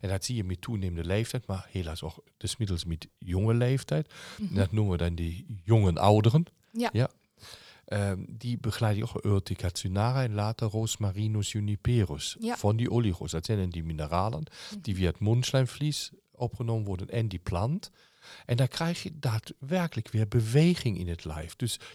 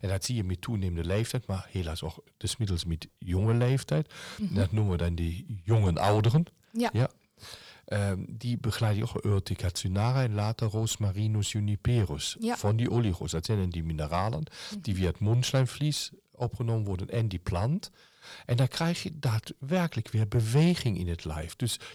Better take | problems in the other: first | distortion; slight; 10 dB below the speech

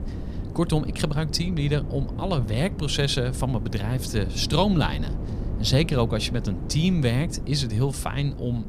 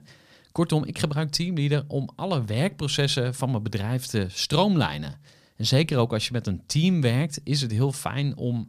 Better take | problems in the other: second | wind noise on the microphone; occasional gusts; 15 dB below the speech

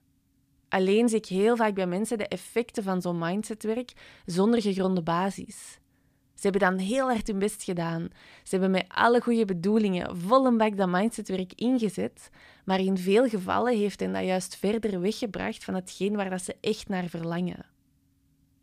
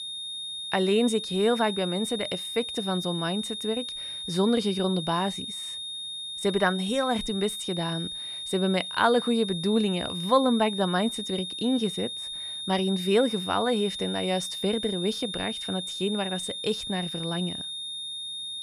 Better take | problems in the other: first | high-pitched whine; loud; throughout; 3.5 kHz, 5 dB below the speech

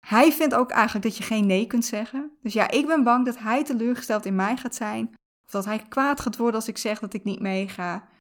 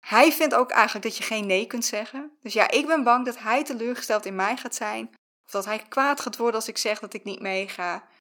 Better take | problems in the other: first | thin; somewhat; fading below 450 Hz

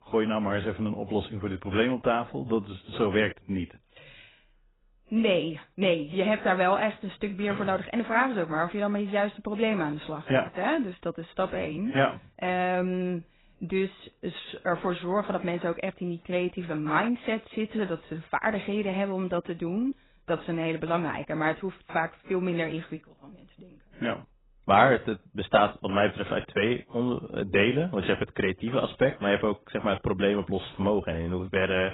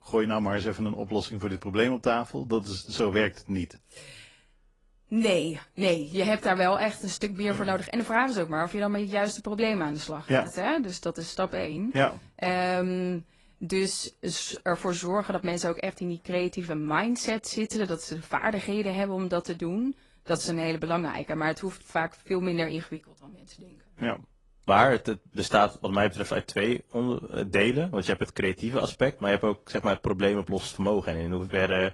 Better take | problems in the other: second | garbled, watery; badly; nothing above 4 kHz; slightly in the second

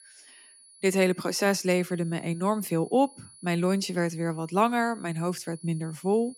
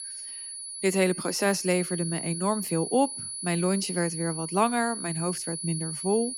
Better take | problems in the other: first | high-pitched whine; loud; throughout; 10.5 kHz, 6 dB below the speech; faint in the first

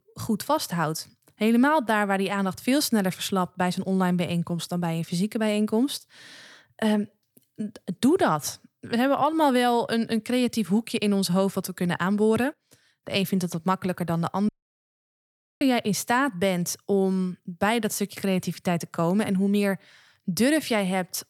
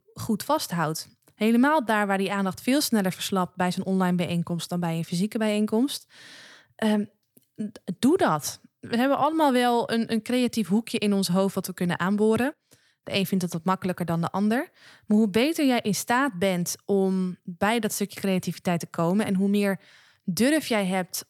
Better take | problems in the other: second | audio cutting out; at 14 s for 1 s

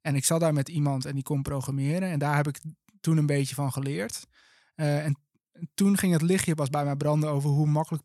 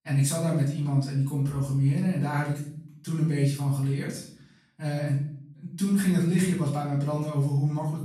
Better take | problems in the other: first | off-mic speech; far // room echo; noticeable; dies away in 0.5 s

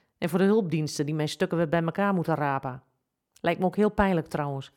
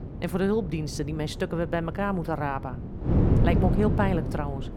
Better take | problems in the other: first | wind noise on the microphone; heavy; 7 dB below the speech

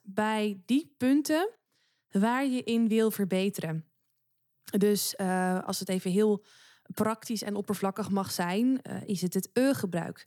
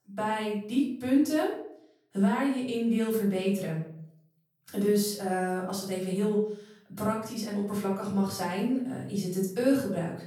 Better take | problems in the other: first | off-mic speech; far // room echo; noticeable; dies away in 0.5 s

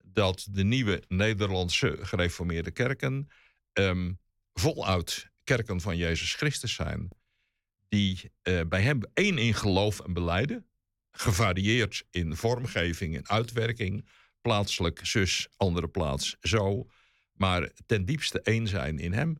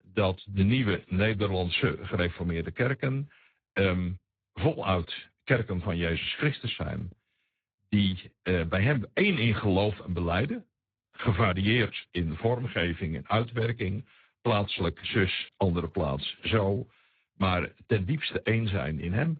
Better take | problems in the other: first | garbled, watery; badly; nothing above 4 kHz

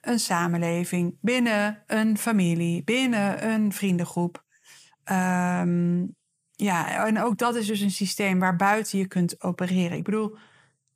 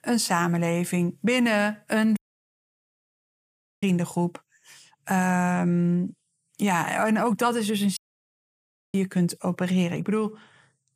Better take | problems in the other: first | audio cutting out; at 2 s for 1.5 s and at 8 s for 1 s

